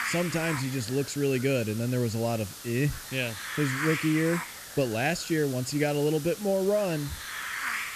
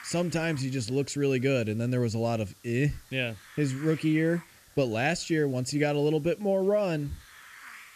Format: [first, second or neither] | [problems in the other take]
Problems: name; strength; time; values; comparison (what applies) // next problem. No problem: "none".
second | hiss; loud; throughout; 8 dB below the speech; faint in the second